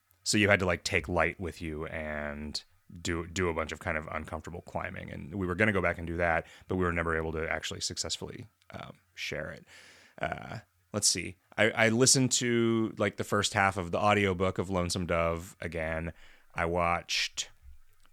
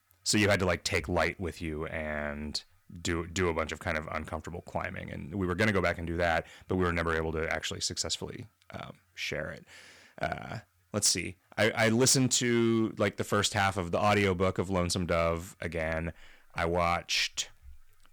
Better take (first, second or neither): first